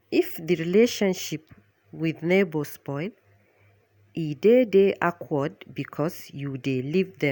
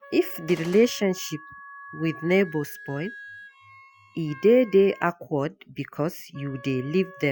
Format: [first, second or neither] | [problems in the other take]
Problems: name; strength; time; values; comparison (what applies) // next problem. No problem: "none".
first | noise reduction (classical method Wiener filter)